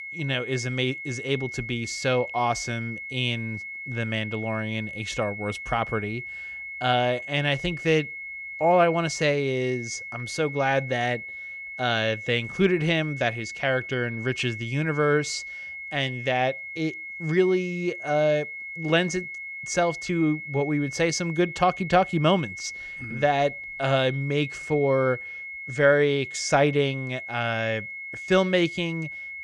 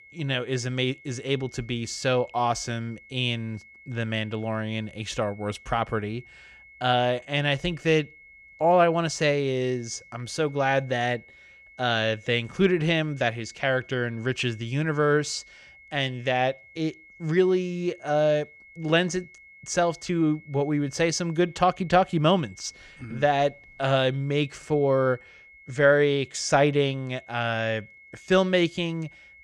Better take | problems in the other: second | high-pitched whine; loud; throughout; 2 kHz, 9 dB below the speech; faint in the second

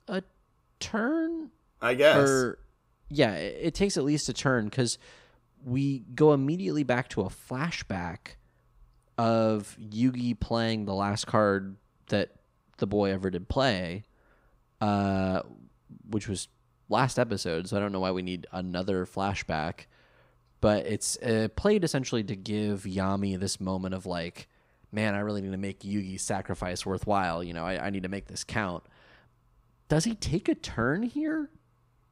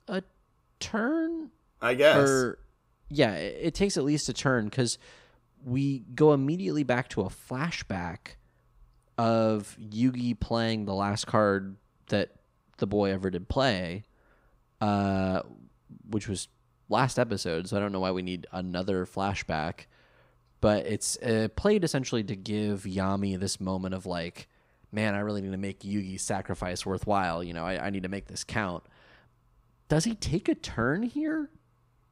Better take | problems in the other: neither | none

